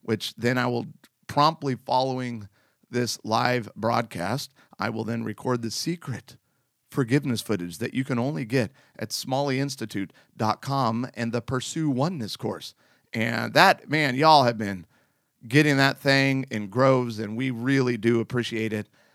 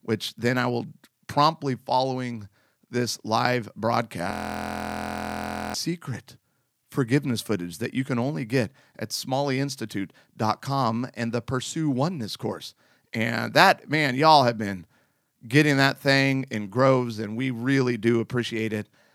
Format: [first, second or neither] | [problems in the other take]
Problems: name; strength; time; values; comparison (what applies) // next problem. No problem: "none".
first | audio freezing; at 4.5 s for 1.5 s